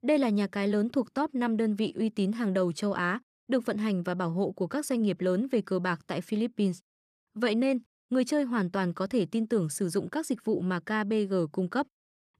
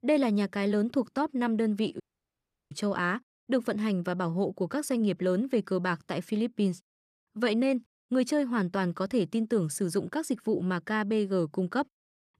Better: first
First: none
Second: audio cutting out; at 2 s for 0.5 s

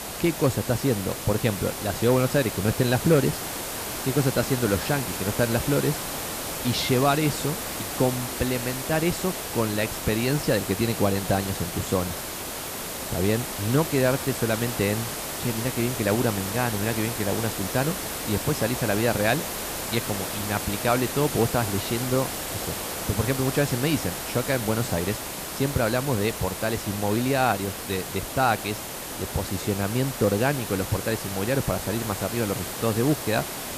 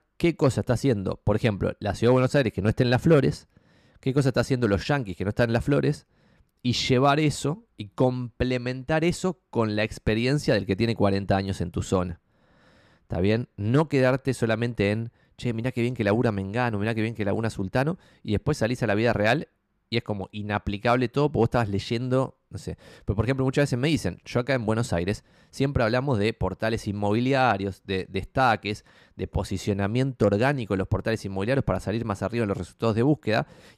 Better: second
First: hiss; loud; throughout; 5 dB below the speech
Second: none

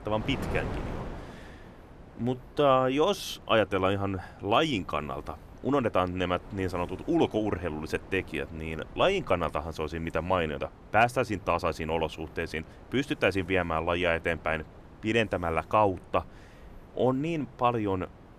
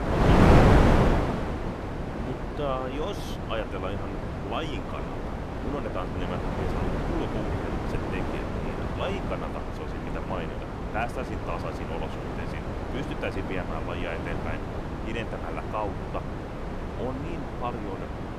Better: first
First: wind noise on the microphone; occasional gusts; 20 dB below the speech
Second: wind noise on the microphone; heavy; 4 dB above the speech

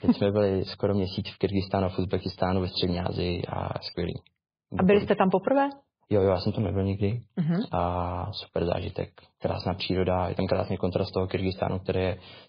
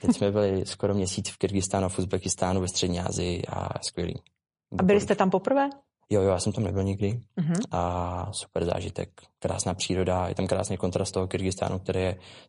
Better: second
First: garbled, watery; badly; nothing above 4 kHz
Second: garbled, watery; slightly; nothing above 10.5 kHz

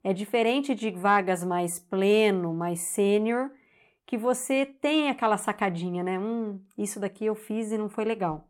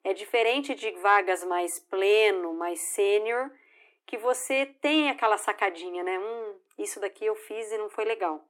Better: first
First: none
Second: thin; somewhat; fading below 300 Hz

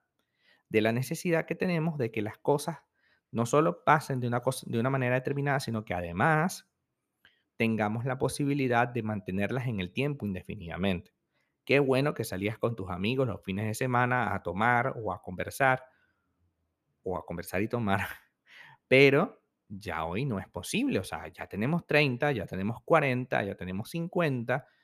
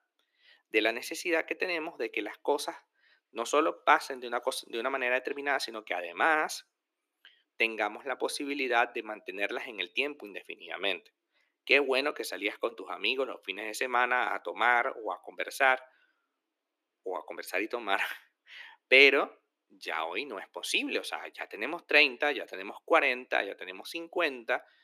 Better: first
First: none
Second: thin; somewhat; fading below 300 Hz

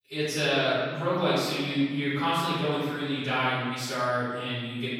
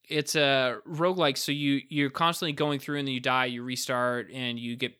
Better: second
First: off-mic speech; far // room echo; strong; dies away in 1.5 s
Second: none

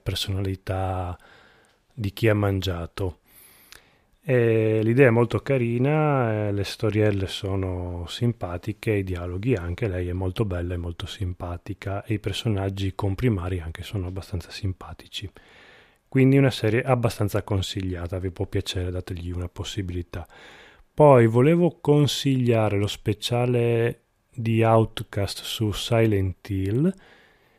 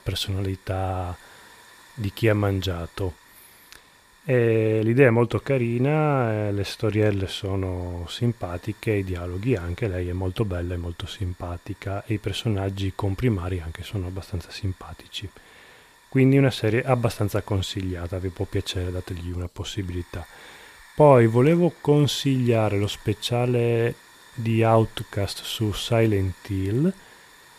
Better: first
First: none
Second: hiss; faint; throughout; 25 dB below the speech

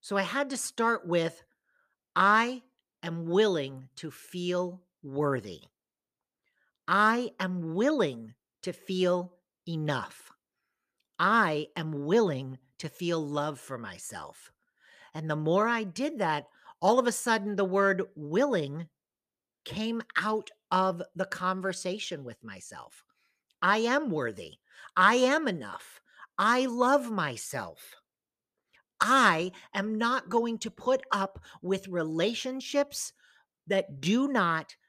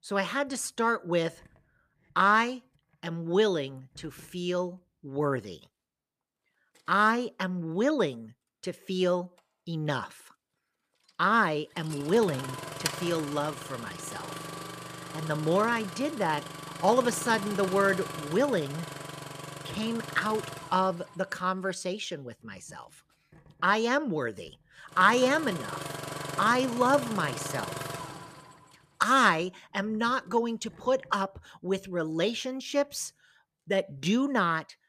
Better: first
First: none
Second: traffic noise; noticeable; throughout; 10 dB below the speech

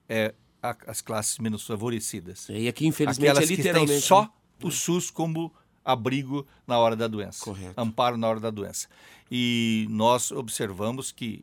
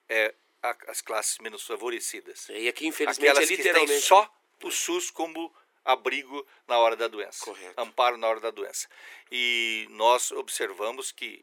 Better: first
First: none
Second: thin; very; fading below 350 Hz

